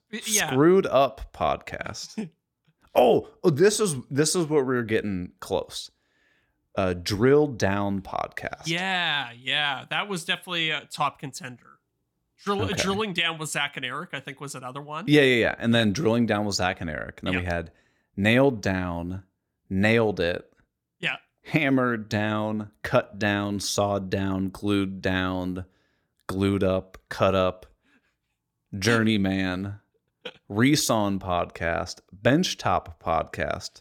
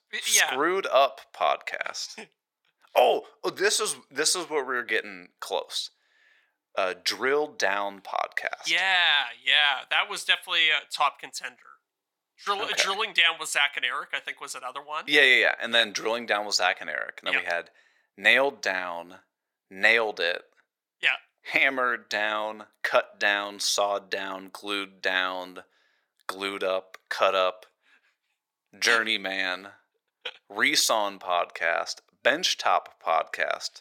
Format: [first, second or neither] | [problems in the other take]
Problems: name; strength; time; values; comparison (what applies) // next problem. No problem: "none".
first | thin; very; fading below 700 Hz